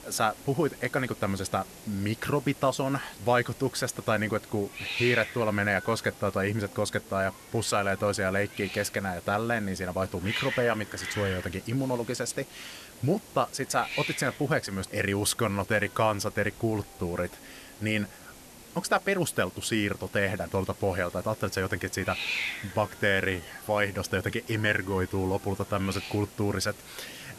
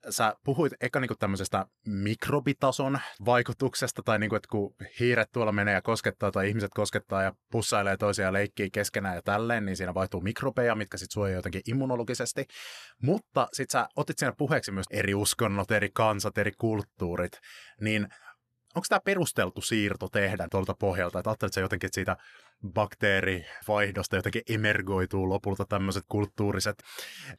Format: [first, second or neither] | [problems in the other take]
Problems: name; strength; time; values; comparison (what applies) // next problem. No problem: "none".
second | hiss; noticeable; throughout; 10 dB below the speech